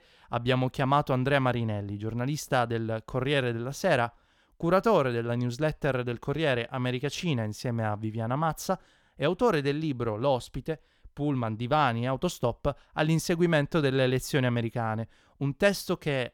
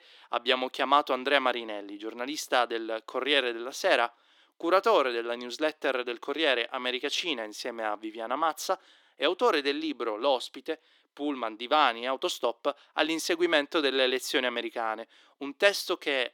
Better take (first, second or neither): first